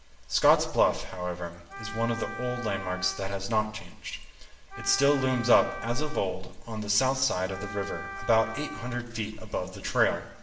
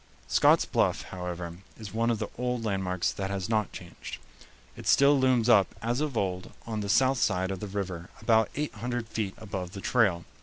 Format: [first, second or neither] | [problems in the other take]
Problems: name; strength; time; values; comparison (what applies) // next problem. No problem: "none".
second | background sound (Wind instrument, woodwind instrument); 12 dB below the speech // room echo; dies away in 0.8 s